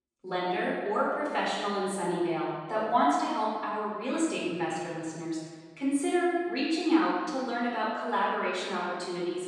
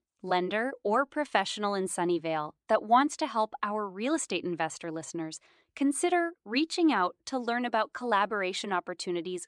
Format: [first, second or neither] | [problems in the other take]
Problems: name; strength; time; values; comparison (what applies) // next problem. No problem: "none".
second | off-mic speech; far // room echo; strong; dies away in 1.5 s